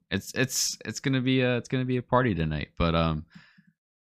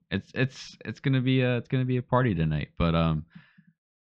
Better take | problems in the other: first | muffled; very; fading above 3.5 kHz

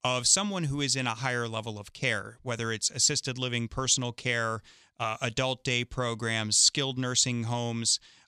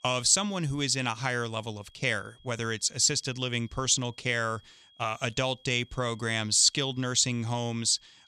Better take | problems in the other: first | high-pitched whine; faint; throughout; 3.5 kHz, 30 dB below the speech

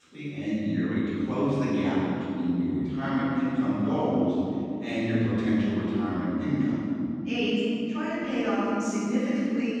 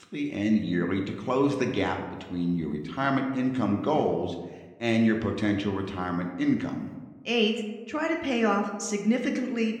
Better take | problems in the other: second | room echo; strong; dies away in 3 s; slight in the second // off-mic speech; far

